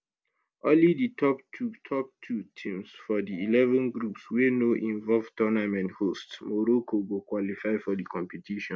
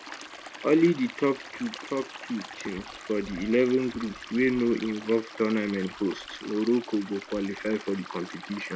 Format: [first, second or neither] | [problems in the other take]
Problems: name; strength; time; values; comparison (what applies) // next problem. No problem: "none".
first | background sound (Stream); 15 dB below the speech